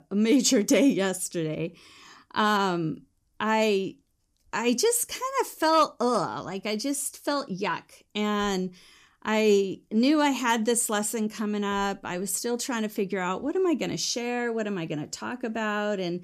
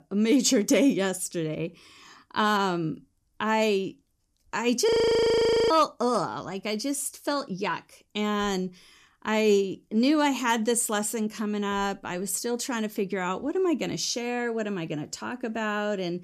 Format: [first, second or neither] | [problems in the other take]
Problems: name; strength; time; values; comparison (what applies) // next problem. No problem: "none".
first | audio freezing; at 5 s for 1 s